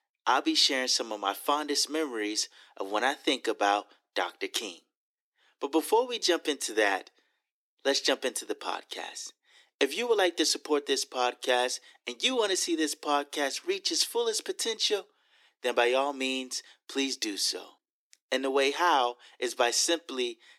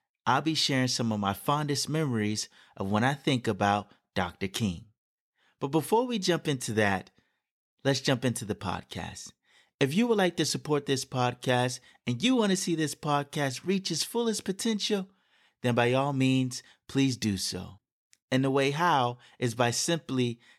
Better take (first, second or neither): second